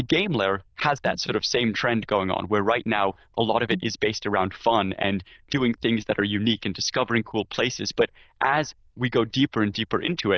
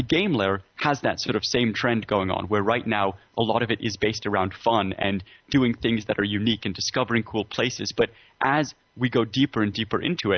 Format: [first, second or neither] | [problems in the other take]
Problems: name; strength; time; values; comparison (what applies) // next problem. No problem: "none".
second | noise reduction (neural diffusion model UNIVERSE++)